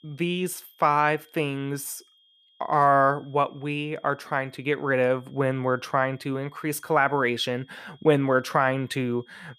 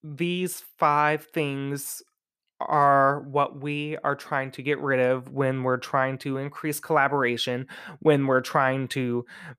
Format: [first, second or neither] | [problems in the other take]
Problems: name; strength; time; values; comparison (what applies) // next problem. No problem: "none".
second | high-pitched whine; faint; throughout; 3.5 kHz, 35 dB below the speech